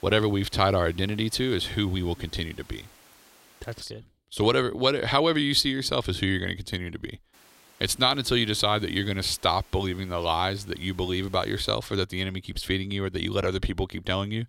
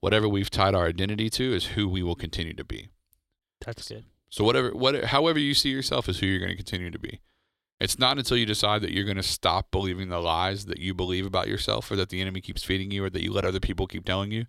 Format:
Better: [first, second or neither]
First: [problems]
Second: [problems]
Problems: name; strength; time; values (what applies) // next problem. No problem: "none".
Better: second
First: hiss; faint; until 4 s and from 7.5 to 12 s; 25 dB below the speech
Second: none